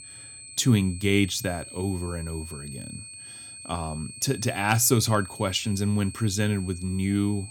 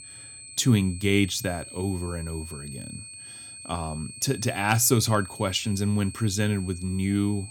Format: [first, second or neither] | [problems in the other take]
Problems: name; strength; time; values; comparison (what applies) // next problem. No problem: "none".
neither | high-pitched whine; noticeable; throughout; 8.5 kHz, 15 dB below the speech; the same in both